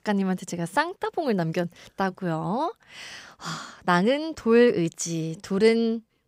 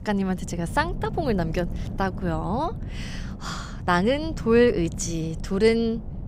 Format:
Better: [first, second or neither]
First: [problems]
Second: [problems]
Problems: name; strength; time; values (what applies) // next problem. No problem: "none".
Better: first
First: none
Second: wind noise on the microphone; occasional gusts; 20 dB below the speech